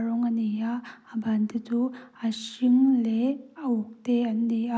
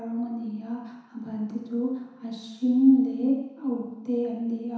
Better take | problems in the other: first | room echo; dies away in 1 s

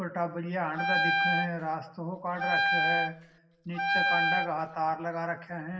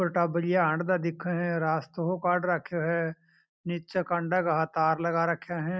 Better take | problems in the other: second | background sound (Wind instrument, woodwind instrument); 5 dB above the speech // room echo; dies away in 0.9 s

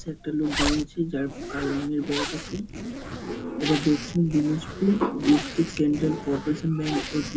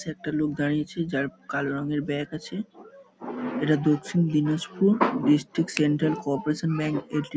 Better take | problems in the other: second | background sound (Zipper (clothing)); 8 dB below the speech // room echo; dies away in 0.2 s

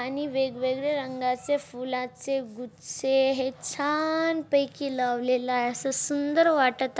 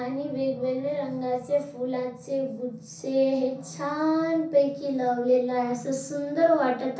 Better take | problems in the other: first | room echo; dies away in 0.6 s

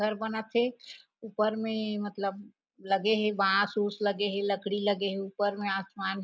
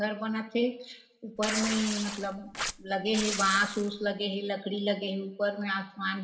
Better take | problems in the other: first | background sound (Tearing); 6 dB below the speech // room echo; dies away in 0.6 s

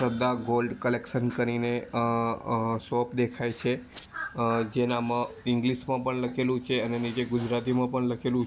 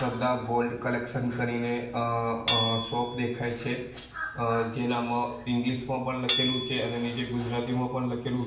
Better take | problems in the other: first | background sound (Hammer / Chink, clink); 7 dB below the speech // room echo; dies away in 0.6 s

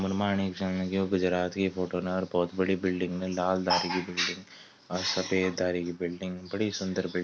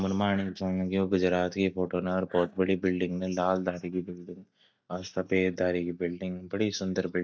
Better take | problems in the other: first | noise reduction (neural mask model DeepFilterNet 3)

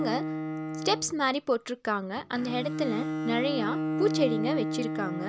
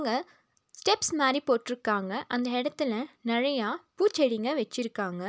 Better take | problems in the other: second | background sound (Bowed string instrument); 2 dB below the speech

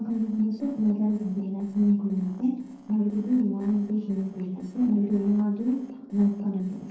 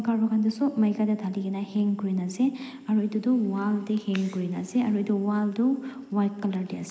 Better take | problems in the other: second | noise reduction (neural separator model SepFormer DNS4)

